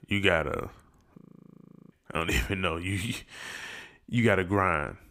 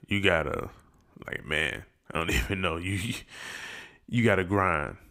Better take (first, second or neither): second